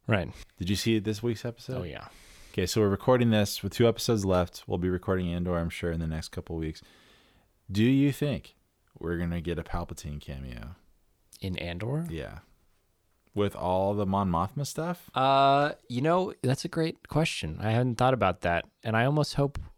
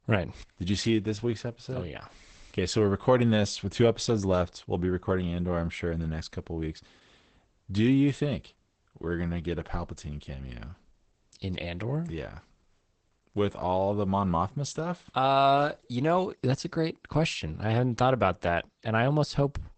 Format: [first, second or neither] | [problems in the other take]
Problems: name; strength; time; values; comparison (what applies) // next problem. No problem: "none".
first | garbled, watery; badly; nothing above 8 kHz